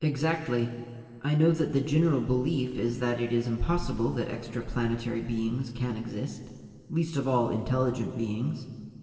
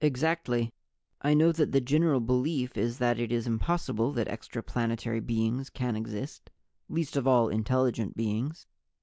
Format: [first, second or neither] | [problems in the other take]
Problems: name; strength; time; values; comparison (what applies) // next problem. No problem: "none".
second | room echo; dies away in 2.3 s